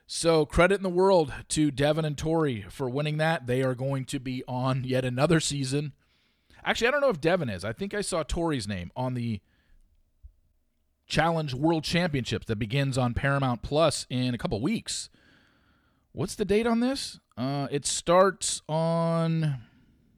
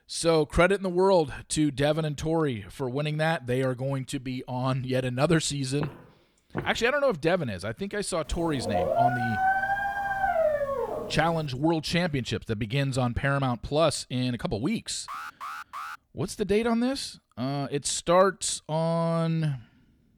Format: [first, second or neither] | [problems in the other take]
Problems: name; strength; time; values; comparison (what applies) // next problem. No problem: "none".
first | footsteps; faint; at 6 s; peak 10 dB below the speech // dog barking; loud; from 8.5 to 11 s; peak 2 dB above the speech // alarm; noticeable; at 15 s; peak 10 dB below the speech